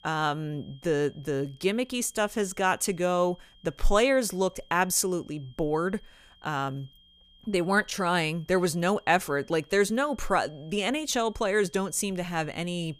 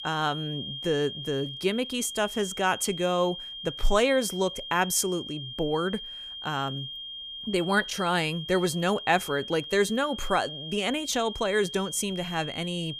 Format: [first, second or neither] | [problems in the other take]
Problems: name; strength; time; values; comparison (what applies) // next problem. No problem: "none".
first | high-pitched whine; loud; throughout; 3 kHz, 9 dB below the speech; faint in the first